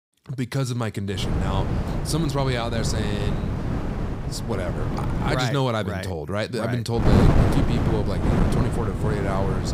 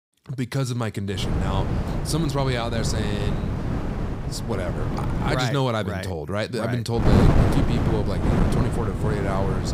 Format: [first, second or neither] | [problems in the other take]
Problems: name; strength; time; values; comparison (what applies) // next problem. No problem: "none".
neither | wind noise on the microphone; heavy; from 1 to 5.5 s and from 7 s on; 2 dB below the speech; the same in both